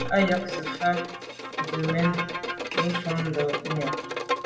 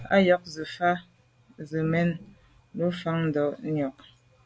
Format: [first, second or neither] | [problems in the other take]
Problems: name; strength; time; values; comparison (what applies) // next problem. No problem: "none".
second | background sound (Bowed string instrument); 3 dB below the speech // room echo; dies away in 0.7 s